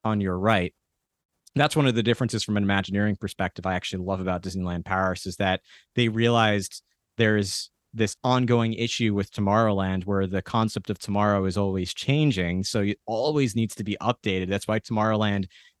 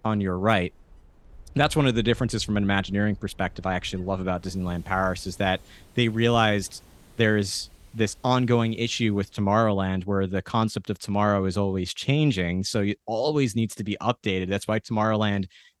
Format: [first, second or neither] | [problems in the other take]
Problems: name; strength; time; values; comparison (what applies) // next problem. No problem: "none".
first | wind in the background; faint; until 9.5 s; 25 dB below the speech